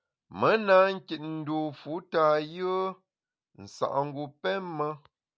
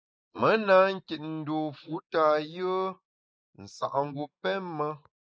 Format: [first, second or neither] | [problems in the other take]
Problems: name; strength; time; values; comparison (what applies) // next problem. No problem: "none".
first | noise reduction (neural mask model Resemble Enhance denoiser)